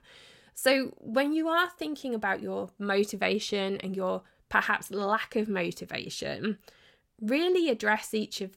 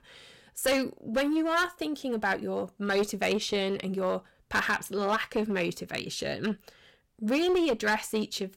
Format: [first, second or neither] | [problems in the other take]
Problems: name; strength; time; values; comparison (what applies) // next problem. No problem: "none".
first | distortion; slight; 7% of the sound clipped